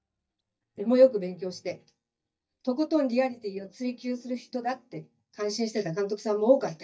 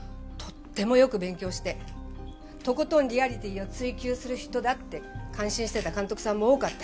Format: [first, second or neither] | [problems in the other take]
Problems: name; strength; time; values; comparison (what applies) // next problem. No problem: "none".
second | noise reduction (neural mask model DeepFilterNet 3)